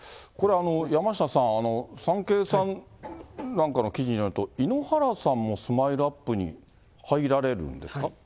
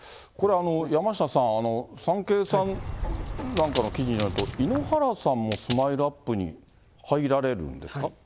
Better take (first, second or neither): first